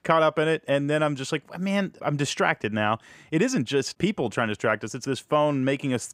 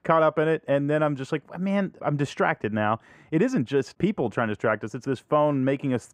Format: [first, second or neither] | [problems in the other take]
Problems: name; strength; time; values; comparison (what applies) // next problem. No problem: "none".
first | muffled; slightly; fading above 2.5 kHz